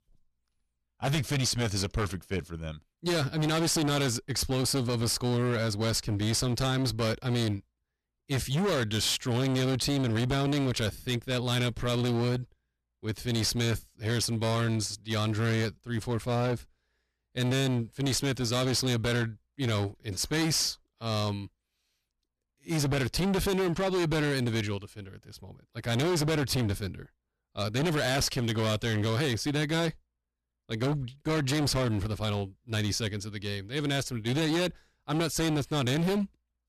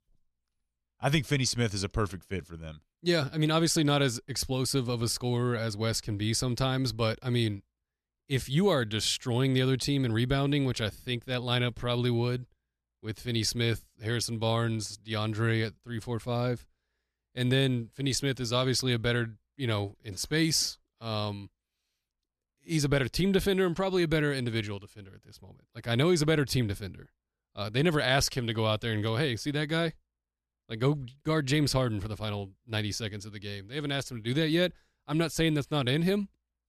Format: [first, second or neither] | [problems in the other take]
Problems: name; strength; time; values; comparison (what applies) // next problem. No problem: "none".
second | distortion; heavy; 22% of the sound clipped